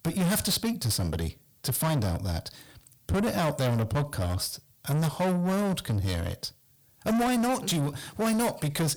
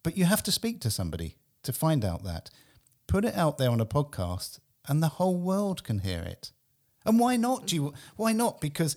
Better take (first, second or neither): second